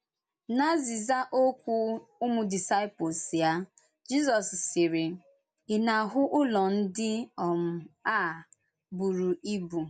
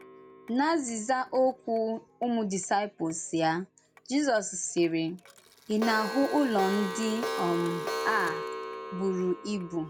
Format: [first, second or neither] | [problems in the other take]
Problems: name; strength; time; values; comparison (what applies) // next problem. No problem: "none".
first | background sound (Clock); 9 dB below the speech